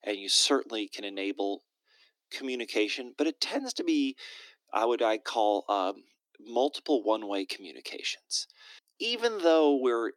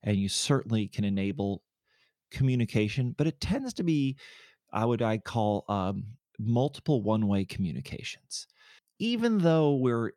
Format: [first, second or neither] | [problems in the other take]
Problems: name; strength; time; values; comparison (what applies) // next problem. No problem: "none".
second | thin; somewhat; fading below 300 Hz